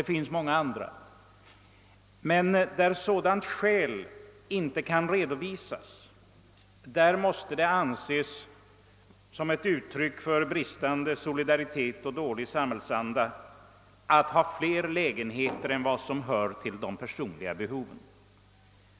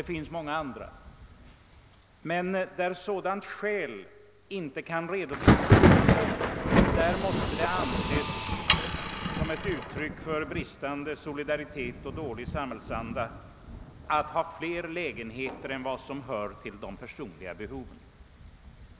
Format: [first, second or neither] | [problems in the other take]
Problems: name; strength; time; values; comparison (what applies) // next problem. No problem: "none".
first | background sound (Thunder + Sawing); 4 dB above the speech